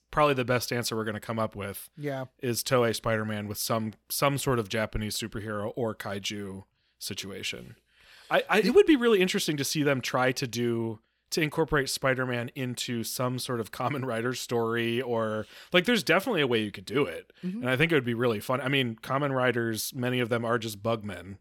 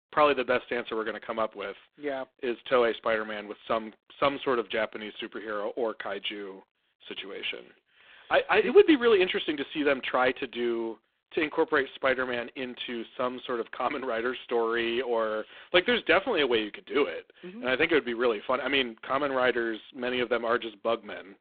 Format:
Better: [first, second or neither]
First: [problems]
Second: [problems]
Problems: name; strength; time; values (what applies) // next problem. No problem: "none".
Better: first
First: none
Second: phone-call audio; poor line